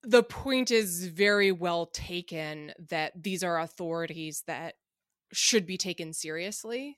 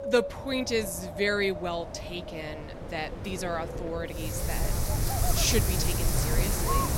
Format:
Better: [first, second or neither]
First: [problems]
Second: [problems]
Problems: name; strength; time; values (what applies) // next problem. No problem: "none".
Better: first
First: none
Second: wind in the background; loud; throughout; as loud as the speech